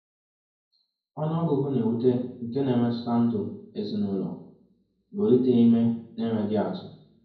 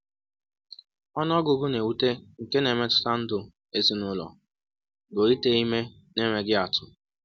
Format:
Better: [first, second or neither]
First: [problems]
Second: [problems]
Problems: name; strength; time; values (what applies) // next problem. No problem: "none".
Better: second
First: room echo; dies away in 0.9 s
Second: none